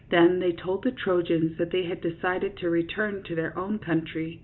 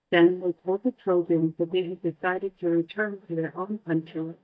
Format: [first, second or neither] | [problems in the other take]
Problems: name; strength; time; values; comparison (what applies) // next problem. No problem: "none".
first | noise reduction (neural mask model DeepFilterNet 3)